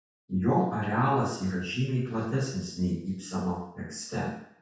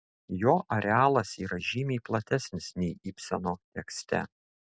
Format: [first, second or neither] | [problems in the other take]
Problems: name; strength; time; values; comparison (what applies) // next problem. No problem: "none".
second | room echo; dies away in 0.6 s